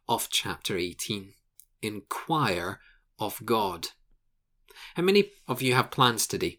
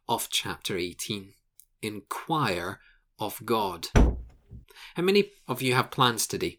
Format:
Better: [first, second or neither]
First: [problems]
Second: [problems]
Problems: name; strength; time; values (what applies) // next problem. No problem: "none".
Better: first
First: none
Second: door banging; loud; at 4 s; peak 4 dB above the speech